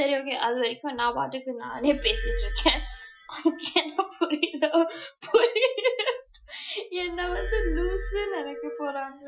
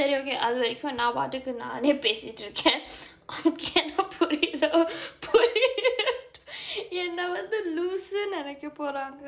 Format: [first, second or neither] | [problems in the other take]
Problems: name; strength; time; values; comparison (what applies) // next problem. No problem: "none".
second | noise reduction (classical method Wiener filter)